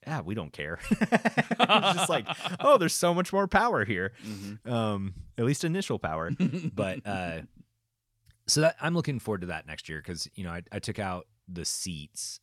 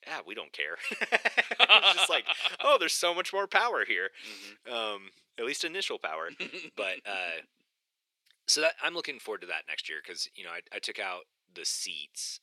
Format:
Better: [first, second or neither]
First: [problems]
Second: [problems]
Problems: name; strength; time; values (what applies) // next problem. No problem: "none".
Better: first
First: none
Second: thin; very; fading below 400 Hz